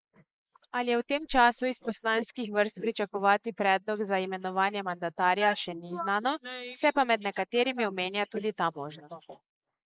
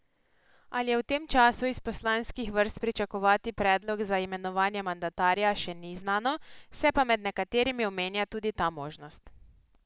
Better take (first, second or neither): second